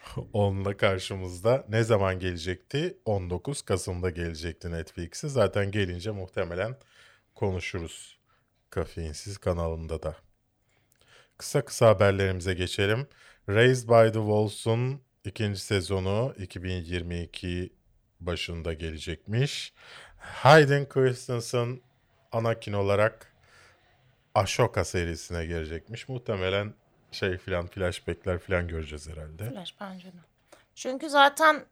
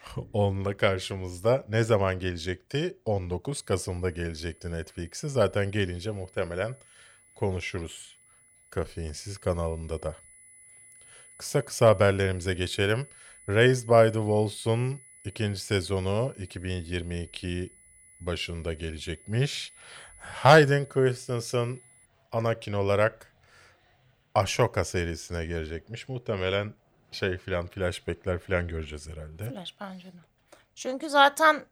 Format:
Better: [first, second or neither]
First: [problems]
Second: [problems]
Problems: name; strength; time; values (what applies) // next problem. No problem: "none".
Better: first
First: none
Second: high-pitched whine; faint; from 3.5 to 22 s; 10 kHz, 25 dB below the speech